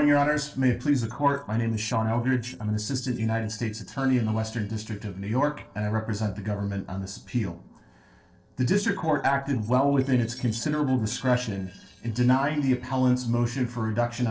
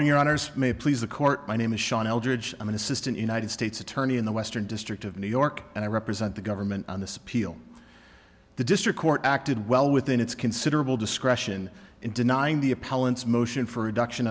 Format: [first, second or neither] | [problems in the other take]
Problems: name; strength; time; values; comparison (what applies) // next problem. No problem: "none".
second | noise reduction (neural separator model SepFormer DNS4)